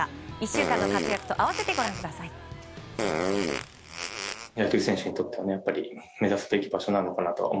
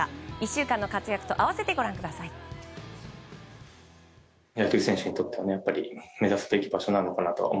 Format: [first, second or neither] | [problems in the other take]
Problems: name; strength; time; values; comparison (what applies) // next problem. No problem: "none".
second | background sound (Fart); 3 dB below the speech